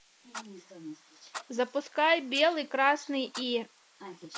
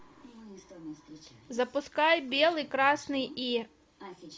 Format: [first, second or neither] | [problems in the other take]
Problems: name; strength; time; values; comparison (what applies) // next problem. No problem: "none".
second | noise reduction (neural mask model Resemble Enhance denoiser)